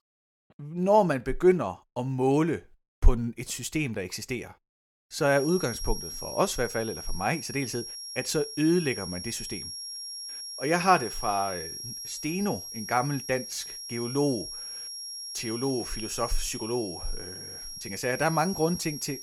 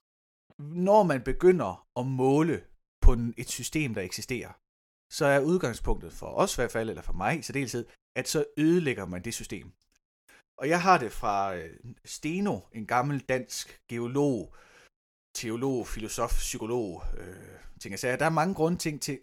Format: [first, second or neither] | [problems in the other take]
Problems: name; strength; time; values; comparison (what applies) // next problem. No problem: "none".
second | high-pitched whine; loud; from 5.5 s on; 5.5 kHz, 8 dB below the speech